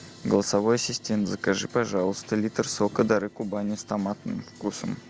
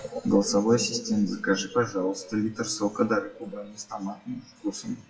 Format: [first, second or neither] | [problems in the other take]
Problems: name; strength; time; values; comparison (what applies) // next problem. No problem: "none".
first | noise reduction (classical method WPE with log-MMSE)